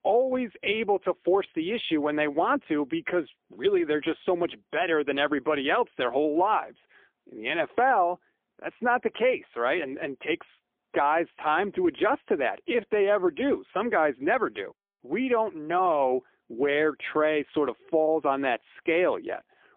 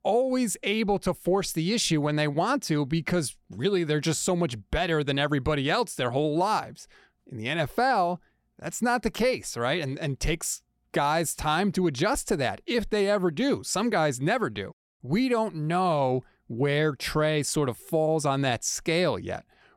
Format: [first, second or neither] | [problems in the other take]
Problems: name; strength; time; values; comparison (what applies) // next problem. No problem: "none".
second | phone-call audio; poor line; nothing above 3.5 kHz